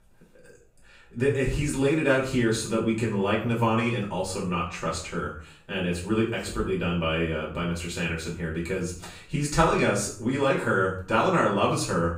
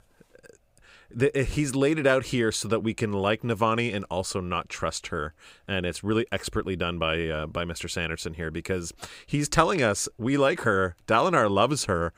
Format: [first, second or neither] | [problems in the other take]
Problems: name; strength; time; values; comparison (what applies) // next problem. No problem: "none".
second | room echo; noticeable; dies away in 0.4 s // off-mic speech; far